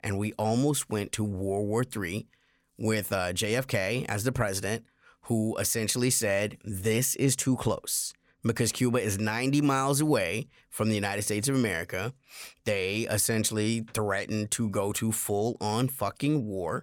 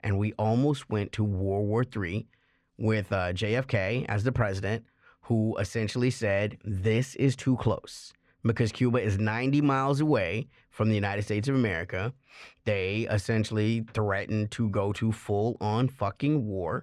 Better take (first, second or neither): first